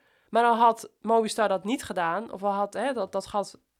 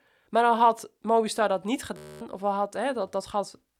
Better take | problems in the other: first | audio freezing; at 2 s

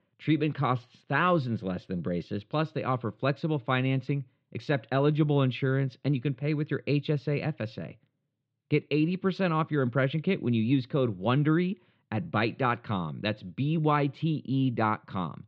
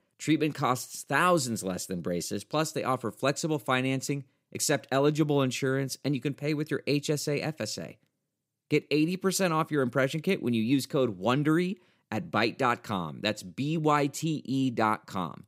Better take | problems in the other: second | muffled; slightly; fading above 3.5 kHz

